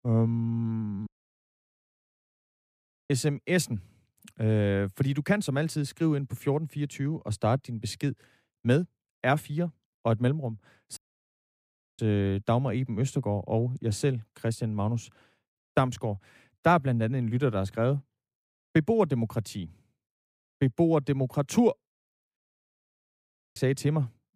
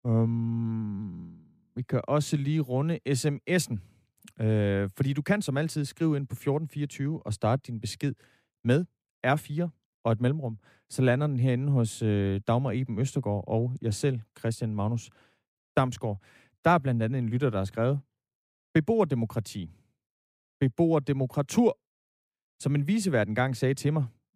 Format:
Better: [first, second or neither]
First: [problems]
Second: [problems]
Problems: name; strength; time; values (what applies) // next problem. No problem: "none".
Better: second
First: audio cutting out; at 1 s for 2 s, at 11 s for 1 s and at 22 s for 1 s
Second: none